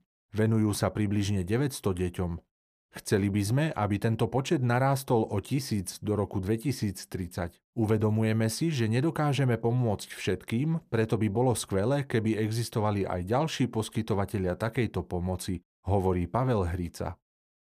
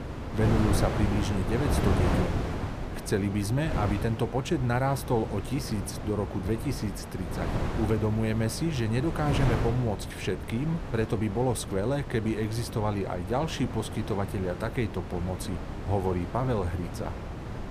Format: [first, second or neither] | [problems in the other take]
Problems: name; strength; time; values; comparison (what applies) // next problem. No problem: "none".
first | wind noise on the microphone; heavy; 5 dB below the speech